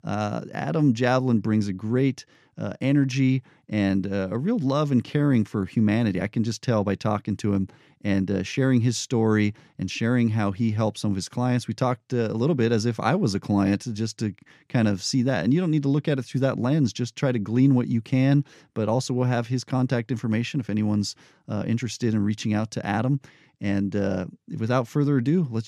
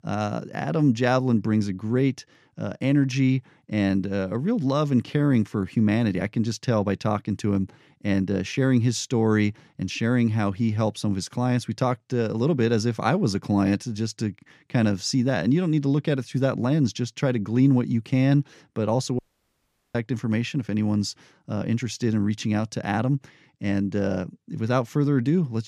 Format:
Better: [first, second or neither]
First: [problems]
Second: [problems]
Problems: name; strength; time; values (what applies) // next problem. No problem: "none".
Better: first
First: none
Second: audio cutting out; at 19 s for 1 s